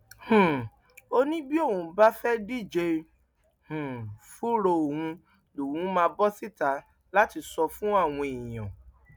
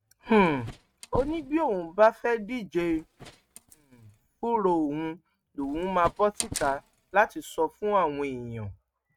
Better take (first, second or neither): first